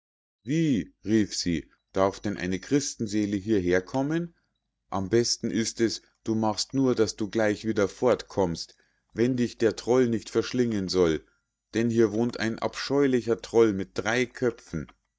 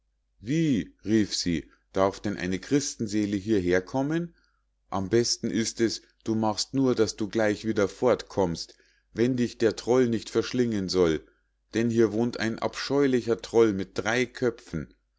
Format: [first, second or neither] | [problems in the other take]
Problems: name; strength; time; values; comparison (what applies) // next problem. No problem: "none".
second | noise reduction (neural mask model DeepFilterNet 3)